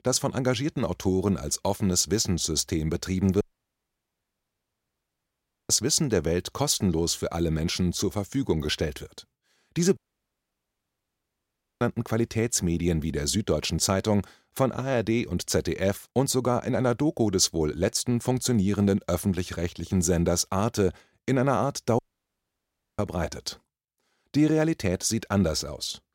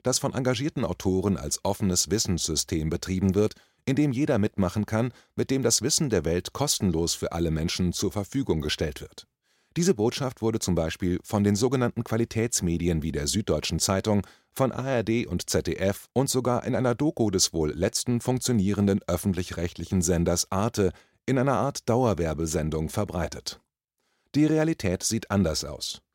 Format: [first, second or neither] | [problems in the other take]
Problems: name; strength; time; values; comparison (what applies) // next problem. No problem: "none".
second | audio cutting out; at 3.5 s for 2.5 s, at 10 s for 2 s and at 22 s for 1 s